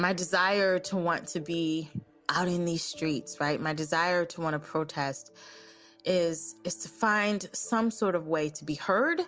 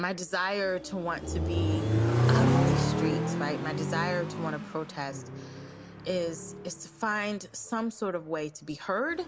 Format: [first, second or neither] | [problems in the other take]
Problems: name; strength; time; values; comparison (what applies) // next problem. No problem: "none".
first | background sound (Accelerating, revving, vroom); 3 dB above the speech